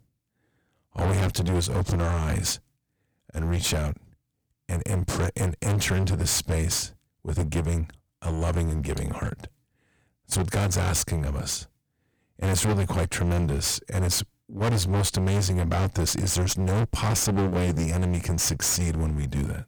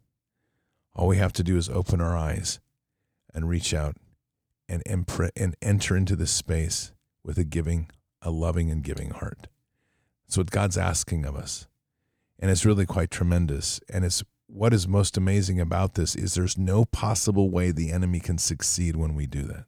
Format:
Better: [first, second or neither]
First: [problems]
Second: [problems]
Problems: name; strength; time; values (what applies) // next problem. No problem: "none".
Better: second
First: distortion; heavy; 23% of the sound clipped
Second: none